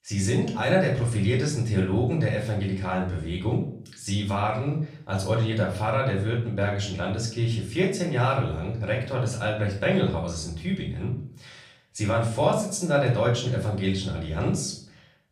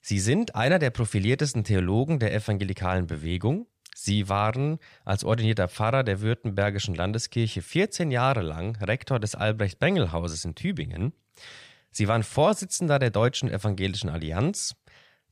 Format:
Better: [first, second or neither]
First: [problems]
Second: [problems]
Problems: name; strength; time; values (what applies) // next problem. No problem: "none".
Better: second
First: room echo; slight; dies away in 0.5 s // off-mic speech; far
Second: none